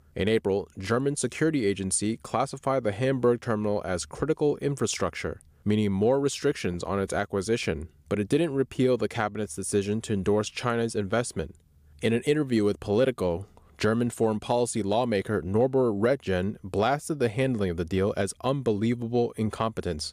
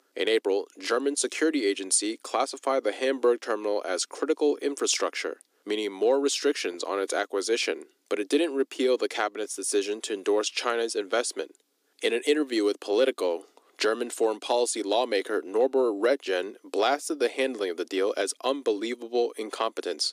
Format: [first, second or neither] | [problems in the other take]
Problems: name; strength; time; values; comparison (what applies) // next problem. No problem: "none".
first | thin; somewhat; fading below 300 Hz